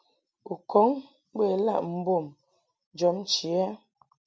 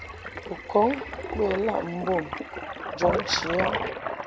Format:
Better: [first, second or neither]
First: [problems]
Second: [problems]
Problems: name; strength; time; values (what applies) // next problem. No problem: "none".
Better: first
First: none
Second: background sound (Toilet flush); 3 dB below the speech